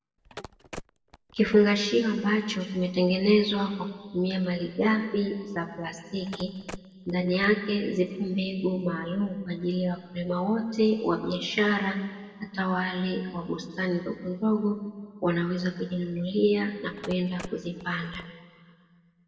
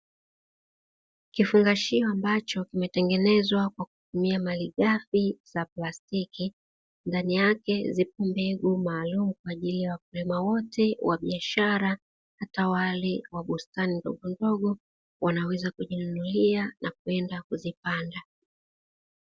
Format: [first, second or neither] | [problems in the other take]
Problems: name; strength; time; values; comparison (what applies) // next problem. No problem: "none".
second | background sound (Telephone); 17 dB below the speech // room echo; dies away in 1.5 s